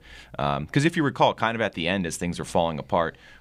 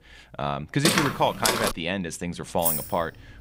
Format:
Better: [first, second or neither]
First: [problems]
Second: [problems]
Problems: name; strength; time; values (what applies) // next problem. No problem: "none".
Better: first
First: none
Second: footsteps; loud; at 1 s; peak 5 dB above the speech // jangling keys; loud; at 2.5 s; peak 3 dB above the speech